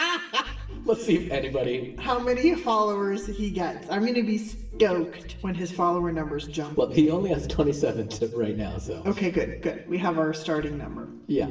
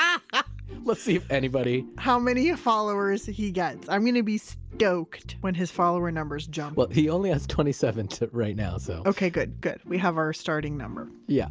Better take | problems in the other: second | room echo; dies away in 0.9 s

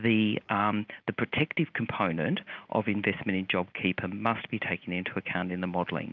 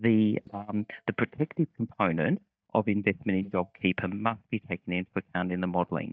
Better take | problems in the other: first | noise reduction (neural mask model DeepFilterNet 3)

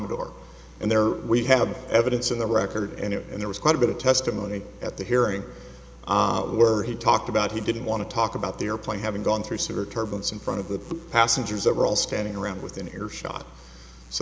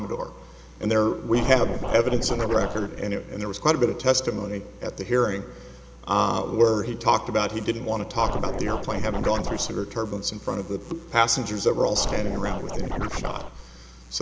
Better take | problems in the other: first | background sound (Scratching (performance technique)); 3 dB below the speech

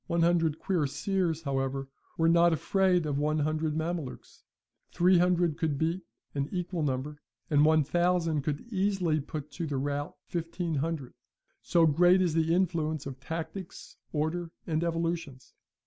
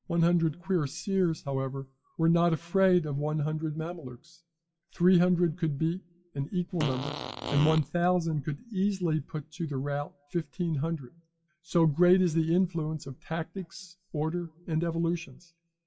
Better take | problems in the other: first | noise reduction (classical method WPE with log-MMSE)

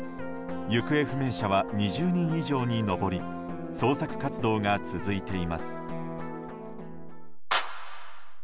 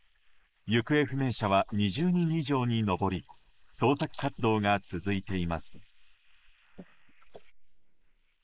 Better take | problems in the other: first | noise reduction (neural mask model Resemble Enhance denoiser)

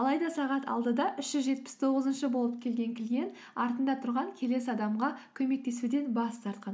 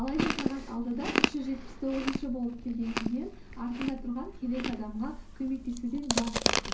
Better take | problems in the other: first | background sound (Chewing, mastication); as loud as the speech // room echo; dies away in 0.4 s

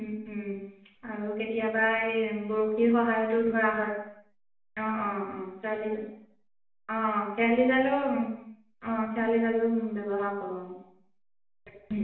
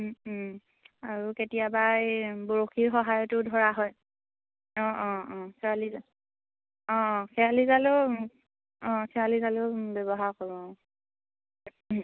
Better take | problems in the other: second | room echo; dies away in 0.7 s

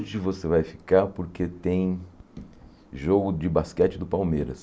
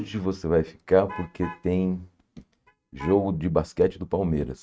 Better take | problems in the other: first | noise reduction (neural mask model RNNoise)

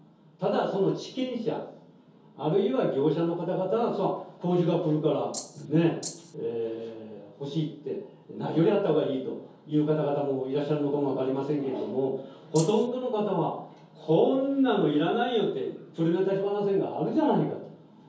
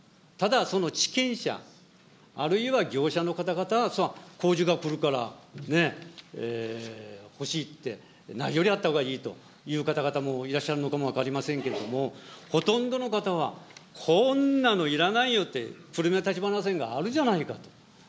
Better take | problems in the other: second | background sound (Rattle (instrument)); 12 dB below the speech // room echo; dies away in 0.6 s

